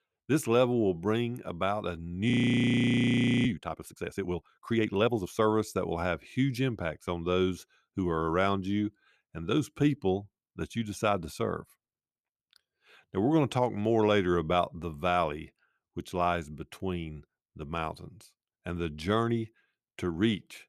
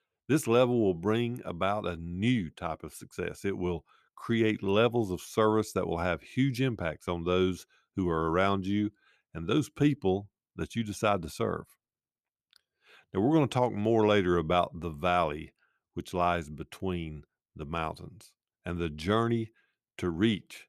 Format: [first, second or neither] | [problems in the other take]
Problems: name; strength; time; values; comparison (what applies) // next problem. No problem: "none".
second | audio freezing; at 2.5 s for 1 s